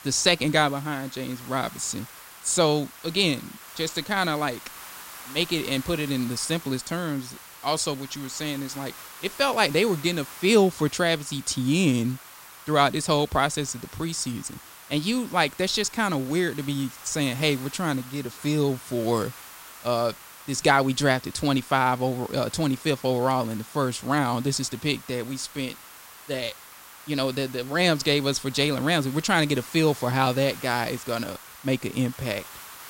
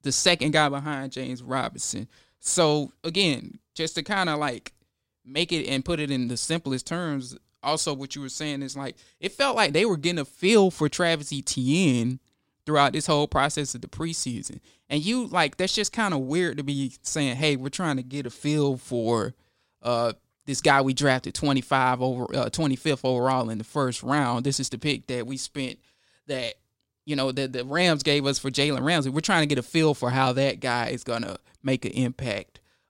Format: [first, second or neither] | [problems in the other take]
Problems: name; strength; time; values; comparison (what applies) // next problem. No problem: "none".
second | hiss; noticeable; throughout; 15 dB below the speech